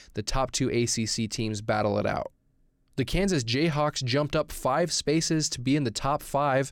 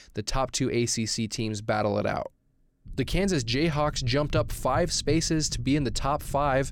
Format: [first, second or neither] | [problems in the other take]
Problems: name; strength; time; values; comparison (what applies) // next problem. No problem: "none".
first | low rumble; faint; from 3 s on; 25 dB below the speech